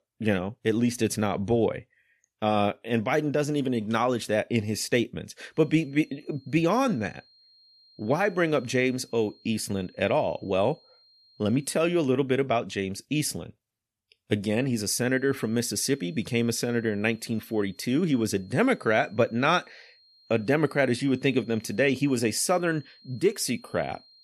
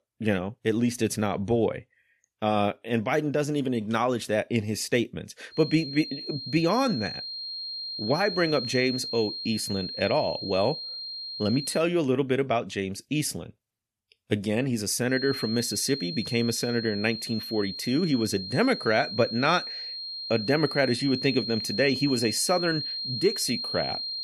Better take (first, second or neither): first